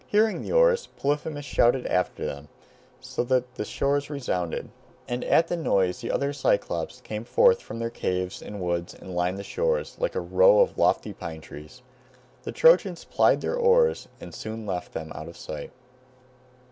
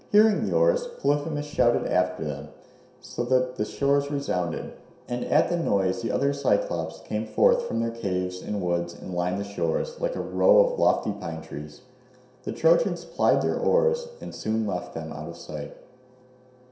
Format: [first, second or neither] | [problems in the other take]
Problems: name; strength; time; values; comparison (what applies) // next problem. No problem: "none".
first | room echo; dies away in 0.7 s